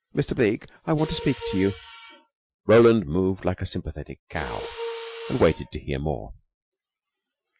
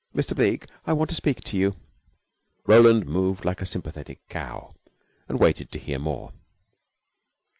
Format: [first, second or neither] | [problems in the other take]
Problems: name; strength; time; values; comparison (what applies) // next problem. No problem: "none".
second | noise reduction (classical method Wiener filter)